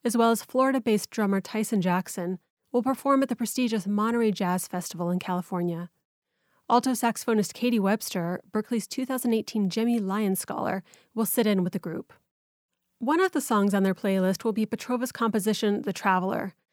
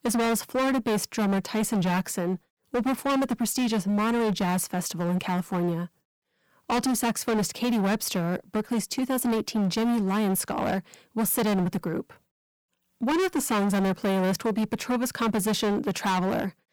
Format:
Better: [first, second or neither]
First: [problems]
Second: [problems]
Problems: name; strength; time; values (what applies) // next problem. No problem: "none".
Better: first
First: none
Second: distortion; heavy; 23% of the sound clipped